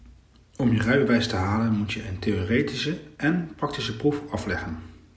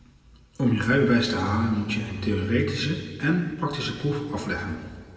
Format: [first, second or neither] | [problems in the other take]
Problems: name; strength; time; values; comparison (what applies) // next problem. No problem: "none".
first | room echo; dies away in 1.6 s